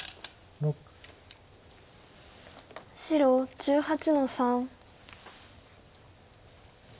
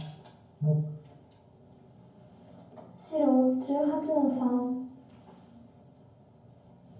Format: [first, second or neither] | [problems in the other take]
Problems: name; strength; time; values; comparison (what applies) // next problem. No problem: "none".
first | room echo; dies away in 0.9 s